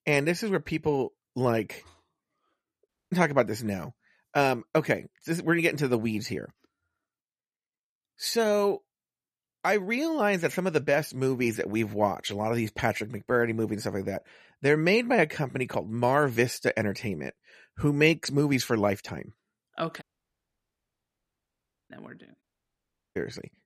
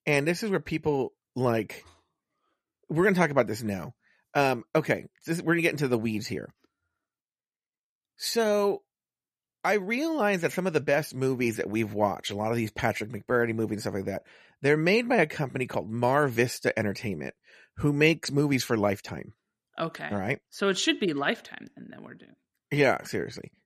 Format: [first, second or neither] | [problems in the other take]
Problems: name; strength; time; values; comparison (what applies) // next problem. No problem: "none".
second | audio cutting out; at 3 s, at 20 s for 2 s and at 22 s for 0.5 s